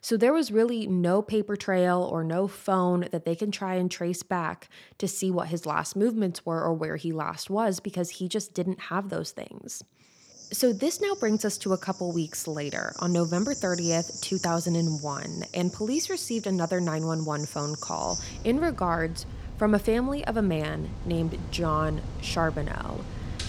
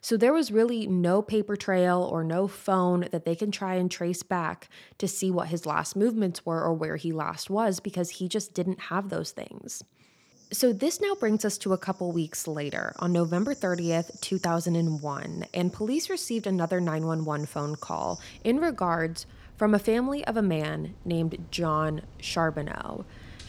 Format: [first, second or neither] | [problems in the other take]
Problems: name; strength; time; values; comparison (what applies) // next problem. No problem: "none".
second | animal sounds; loud; from 10 s on; 10 dB below the speech; faint in the second